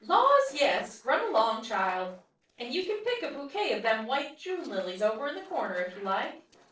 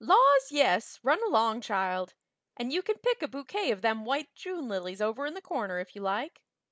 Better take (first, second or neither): second